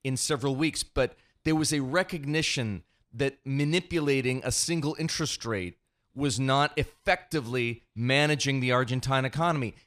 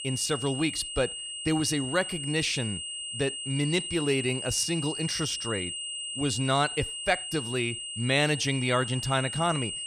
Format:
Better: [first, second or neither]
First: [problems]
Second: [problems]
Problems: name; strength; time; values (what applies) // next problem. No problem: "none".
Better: first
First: none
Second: high-pitched whine; loud; throughout; 3 kHz, 5 dB below the speech